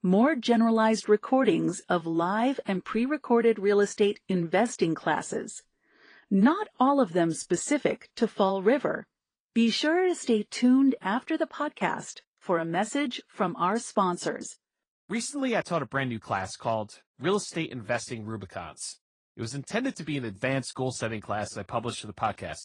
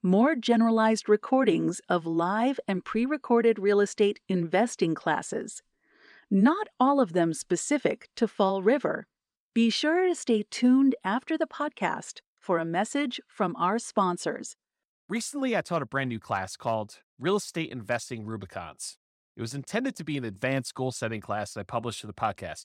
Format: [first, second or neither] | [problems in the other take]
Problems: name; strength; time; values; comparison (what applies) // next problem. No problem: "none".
second | garbled, watery; slightly; nothing above 8.5 kHz